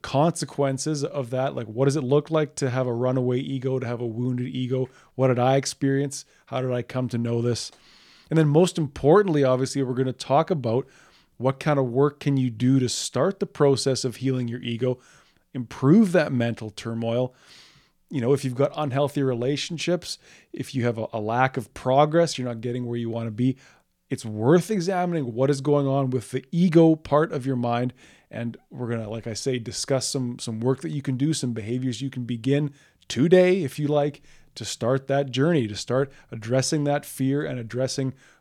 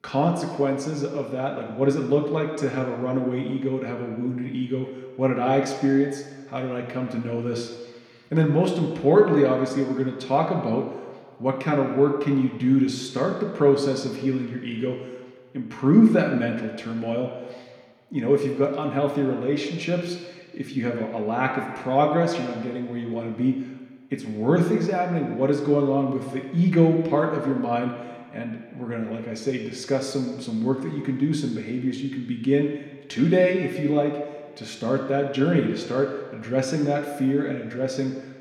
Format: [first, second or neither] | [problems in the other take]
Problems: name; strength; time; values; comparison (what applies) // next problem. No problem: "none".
first | room echo; noticeable; dies away in 1.7 s // off-mic speech; somewhat distant